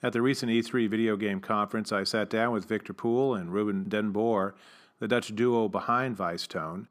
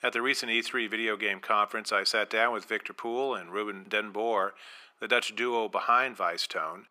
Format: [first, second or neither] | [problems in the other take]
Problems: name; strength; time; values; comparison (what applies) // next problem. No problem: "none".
first | thin; very; fading below 600 Hz